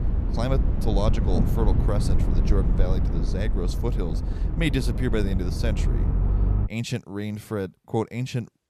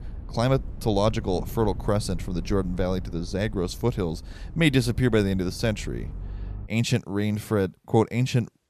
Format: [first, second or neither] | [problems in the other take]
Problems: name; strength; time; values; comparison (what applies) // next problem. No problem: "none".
second | low rumble; loud; until 6.5 s; 5 dB below the speech; faint in the second